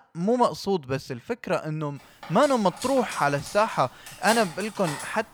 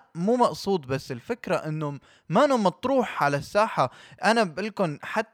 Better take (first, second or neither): second